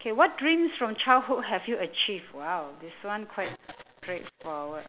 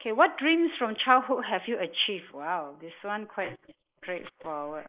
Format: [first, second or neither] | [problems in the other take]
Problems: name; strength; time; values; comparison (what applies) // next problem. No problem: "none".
first | noise reduction (neural mask model Resemble Enhance denoiser)